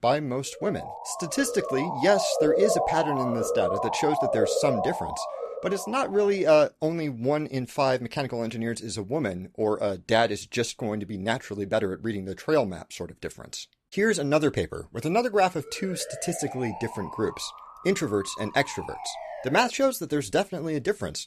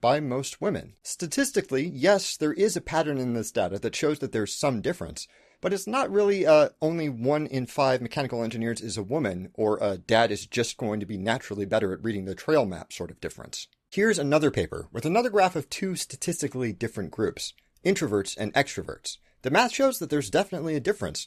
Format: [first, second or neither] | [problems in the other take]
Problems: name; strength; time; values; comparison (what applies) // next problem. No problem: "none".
second | siren; loud; from 0.5 to 6 s; peak 4 dB above the speech // siren; faint; from 16 to 20 s; peak 10 dB below the speech